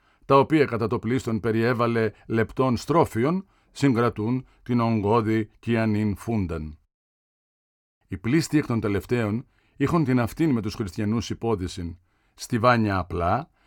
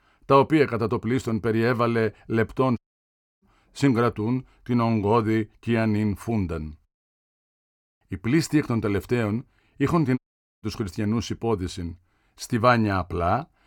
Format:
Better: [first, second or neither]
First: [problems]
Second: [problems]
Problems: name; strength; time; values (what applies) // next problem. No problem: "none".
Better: first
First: none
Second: audio cutting out; at 3 s for 0.5 s and at 10 s